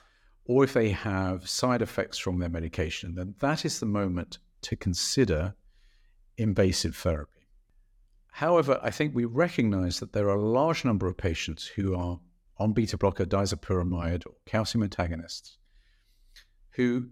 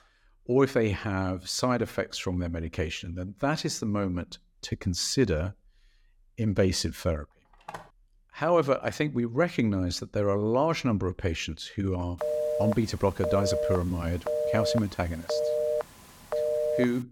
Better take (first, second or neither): first